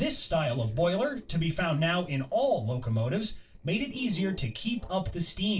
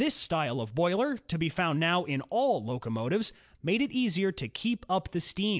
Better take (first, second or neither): second